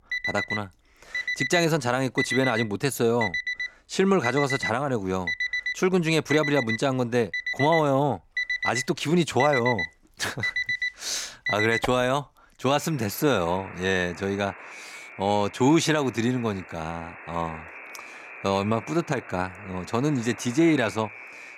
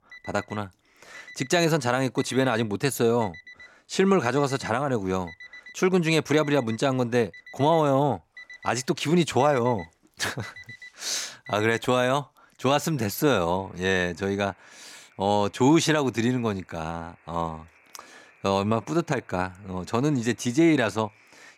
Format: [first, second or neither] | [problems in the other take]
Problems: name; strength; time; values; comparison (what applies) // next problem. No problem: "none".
second | alarms or sirens; loud; throughout; 5 dB below the speech; faint in the second